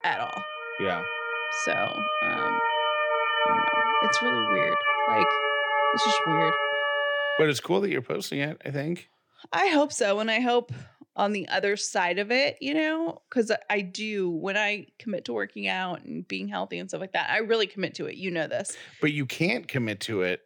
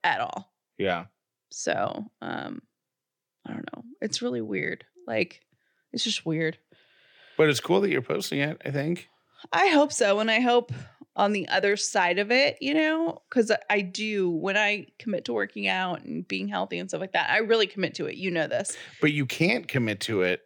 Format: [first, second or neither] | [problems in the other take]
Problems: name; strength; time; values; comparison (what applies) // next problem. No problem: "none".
second | siren; loud; until 7.5 s; peak 6 dB above the speech